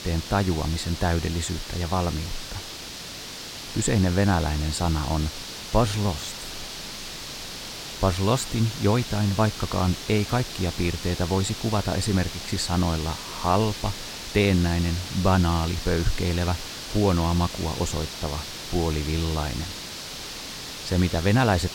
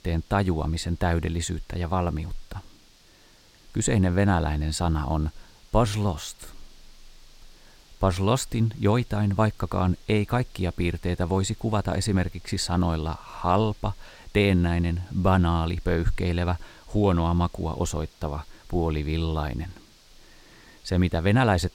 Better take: second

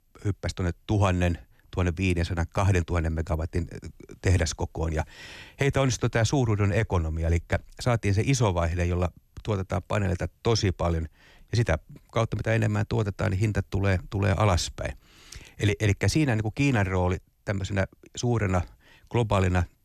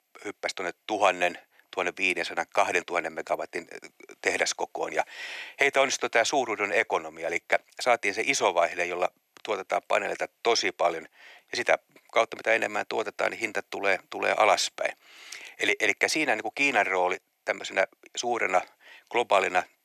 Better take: first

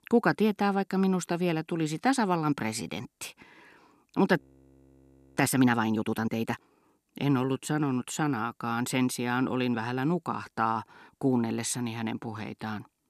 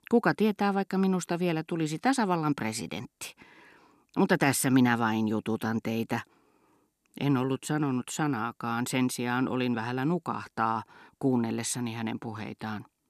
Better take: second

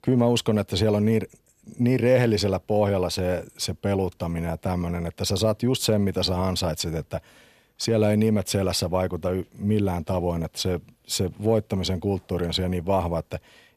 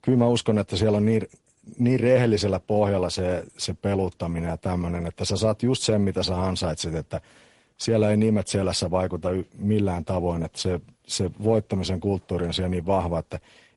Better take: first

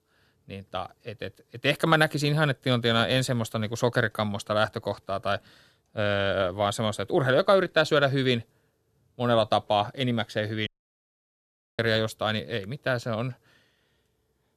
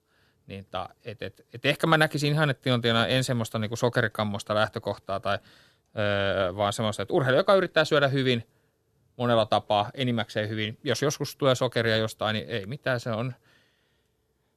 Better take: second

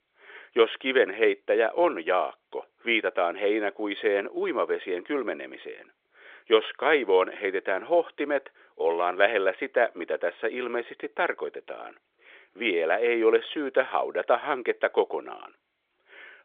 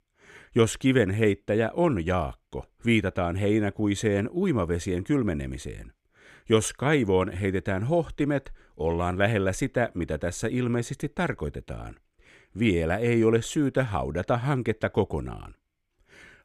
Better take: second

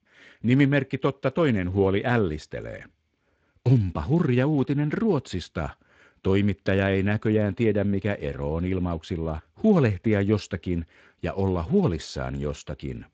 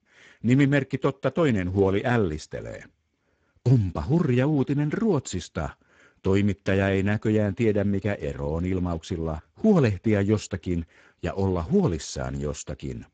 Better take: first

